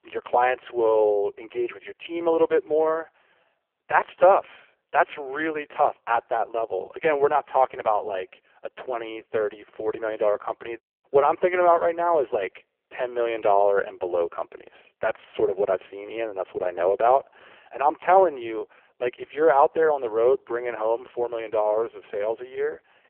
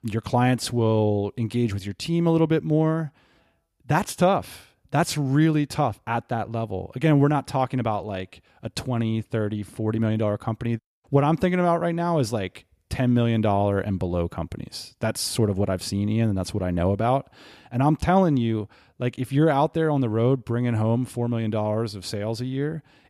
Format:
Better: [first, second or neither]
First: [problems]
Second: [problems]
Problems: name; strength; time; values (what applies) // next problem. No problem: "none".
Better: second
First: phone-call audio; poor line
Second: none